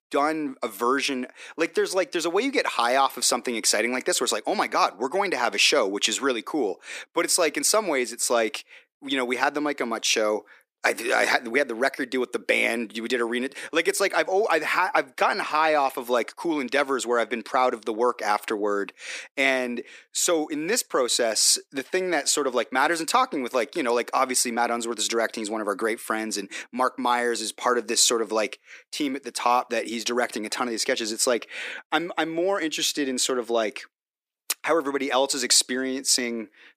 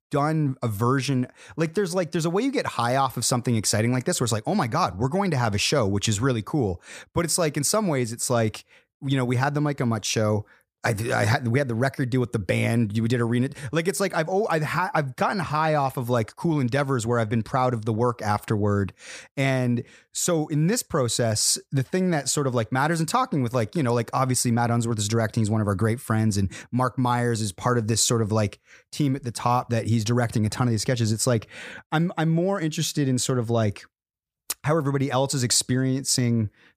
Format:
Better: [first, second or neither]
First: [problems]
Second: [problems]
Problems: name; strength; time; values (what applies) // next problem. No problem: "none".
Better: second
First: thin; somewhat; fading below 300 Hz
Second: none